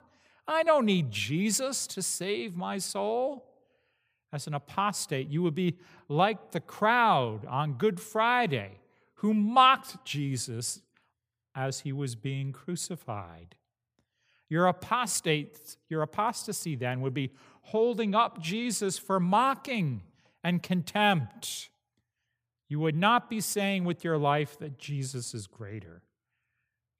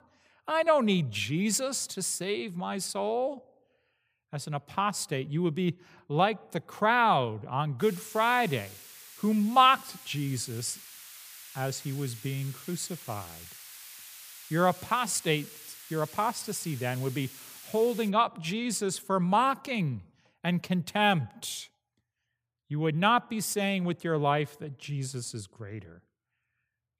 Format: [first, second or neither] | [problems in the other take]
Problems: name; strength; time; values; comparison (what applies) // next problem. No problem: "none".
first | hiss; noticeable; from 8 to 18 s; 15 dB below the speech